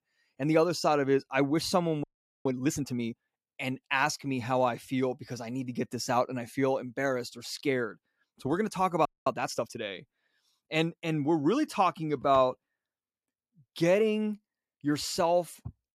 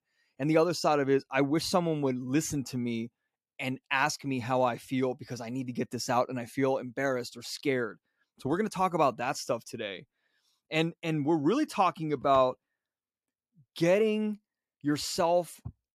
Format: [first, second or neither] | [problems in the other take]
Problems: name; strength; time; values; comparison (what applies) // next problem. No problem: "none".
second | audio freezing; at 2 s and at 9 s